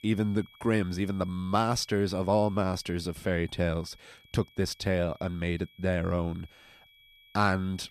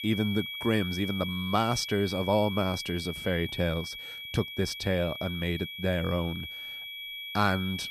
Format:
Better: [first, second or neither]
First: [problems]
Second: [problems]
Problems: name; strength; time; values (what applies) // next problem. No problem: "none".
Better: first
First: high-pitched whine; faint; throughout; 3.5 kHz, 25 dB below the speech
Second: high-pitched whine; loud; throughout; 3.5 kHz, 7 dB below the speech